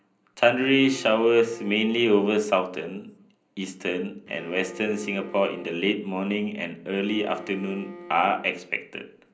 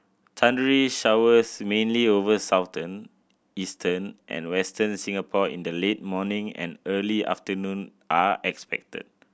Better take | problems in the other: second | background sound (Bowed string instrument); 19 dB below the speech // room echo; dies away in 0.5 s

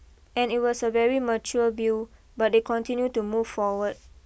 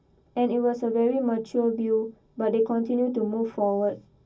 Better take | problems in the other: first | room echo; dies away in 0.4 s

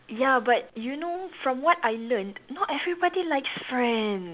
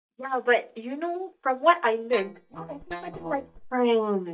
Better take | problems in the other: first | noise reduction (neural mask model DeepFilterNet 3)

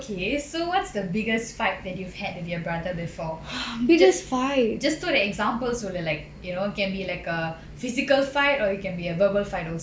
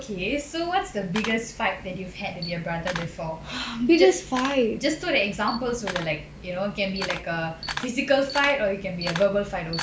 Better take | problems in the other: first | background sound (Camera); 13 dB below the speech

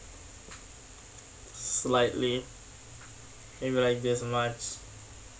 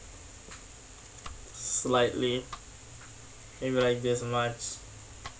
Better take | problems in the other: first | background sound (Domestic sounds, home sounds); 20 dB below the speech

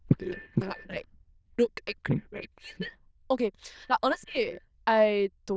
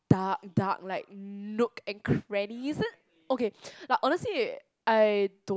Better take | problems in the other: second | noise reduction (neural diffusion model UNIVERSE++)

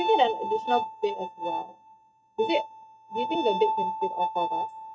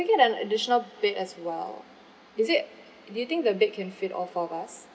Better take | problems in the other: second | noise reduction (neural mask model RNNoise)

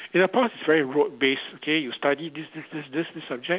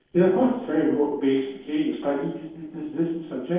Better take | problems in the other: first | noise reduction (neural separator model SepFormer DNS4)

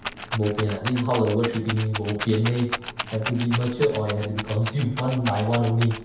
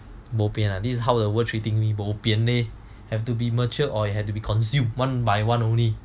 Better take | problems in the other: second | background sound (Rattle); 10 dB below the speech // room echo; dies away in 0.8 s

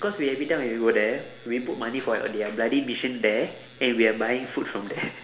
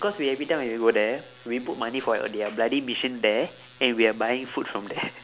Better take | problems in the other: second | room echo; dies away in 2.8 s

